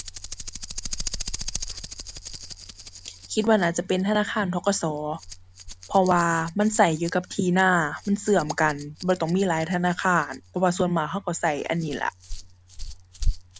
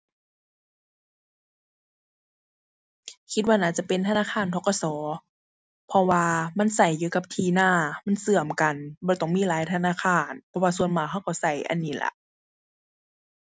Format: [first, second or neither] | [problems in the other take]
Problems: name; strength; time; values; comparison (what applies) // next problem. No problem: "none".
second | background sound (Rattle); 10 dB below the speech